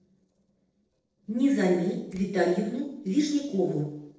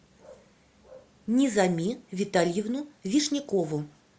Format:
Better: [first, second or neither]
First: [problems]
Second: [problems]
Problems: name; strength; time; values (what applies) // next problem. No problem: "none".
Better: second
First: noise reduction (neural separator model SepFormer DNS4)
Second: none